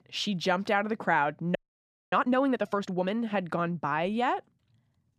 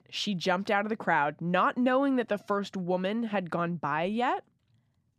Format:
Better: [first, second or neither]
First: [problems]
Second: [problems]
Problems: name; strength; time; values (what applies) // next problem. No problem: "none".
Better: second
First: audio freezing; at 1.5 s for 0.5 s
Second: none